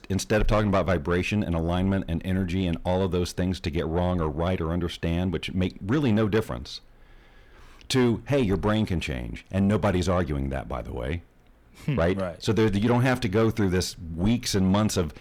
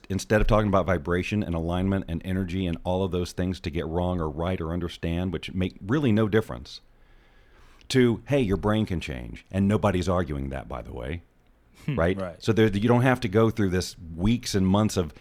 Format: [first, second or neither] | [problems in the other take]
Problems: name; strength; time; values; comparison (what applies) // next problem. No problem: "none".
second | distortion; slight; 10 dB below the speech